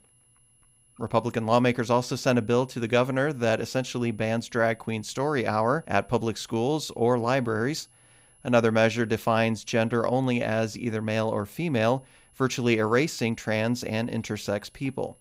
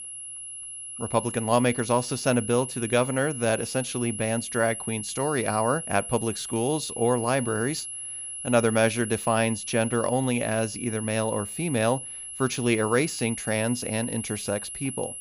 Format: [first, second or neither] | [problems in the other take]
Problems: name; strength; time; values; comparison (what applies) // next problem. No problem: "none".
first | high-pitched whine; loud; throughout; 11 kHz, 7 dB below the speech; faint in the first